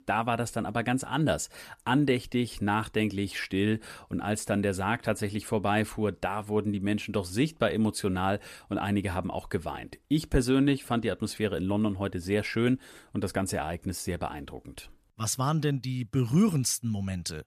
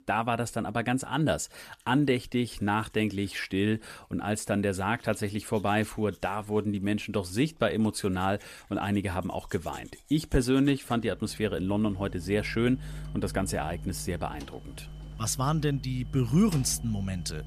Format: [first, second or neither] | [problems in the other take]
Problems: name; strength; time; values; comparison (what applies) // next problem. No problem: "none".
first | household noises; noticeable; throughout; 15 dB below the speech